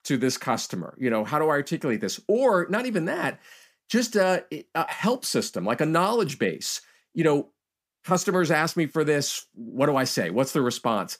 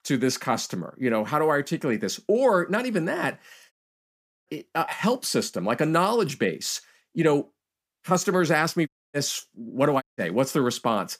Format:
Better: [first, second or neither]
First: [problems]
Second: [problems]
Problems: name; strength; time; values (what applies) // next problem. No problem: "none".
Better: first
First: none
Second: audio cutting out; at 3.5 s for 0.5 s, at 9 s and at 10 s